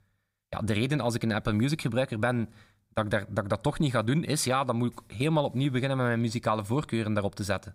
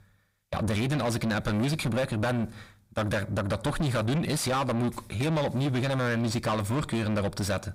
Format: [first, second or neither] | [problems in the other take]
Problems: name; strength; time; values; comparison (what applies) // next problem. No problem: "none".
first | distortion; heavy; 6 dB below the speech